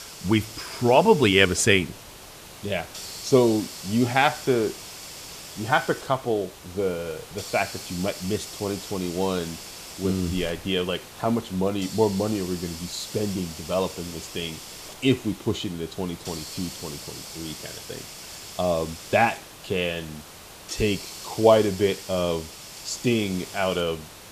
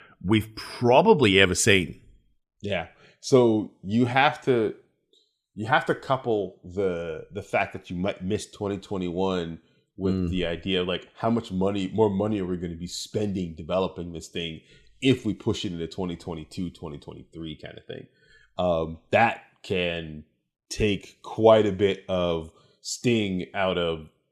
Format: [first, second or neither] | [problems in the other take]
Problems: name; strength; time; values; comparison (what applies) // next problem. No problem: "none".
second | hiss; noticeable; throughout; 15 dB below the speech